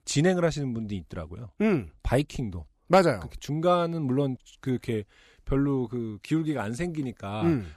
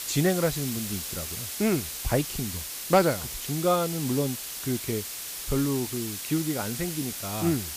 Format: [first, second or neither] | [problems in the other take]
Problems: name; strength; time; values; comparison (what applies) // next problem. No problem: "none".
first | hiss; loud; throughout; 4 dB below the speech